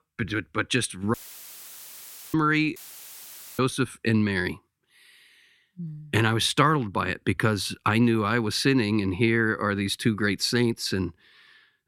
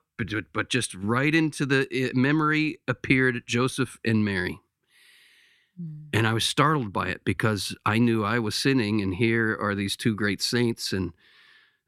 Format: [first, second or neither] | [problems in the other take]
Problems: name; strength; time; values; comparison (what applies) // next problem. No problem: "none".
second | audio cutting out; filled with static; at 1 s for 1 s and at 3 s for 1 s